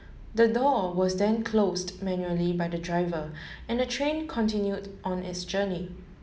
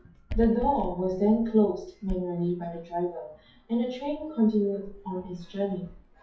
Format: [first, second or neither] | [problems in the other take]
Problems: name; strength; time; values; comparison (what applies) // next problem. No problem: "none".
first | noise reduction (classical method WPE with log-MMSE)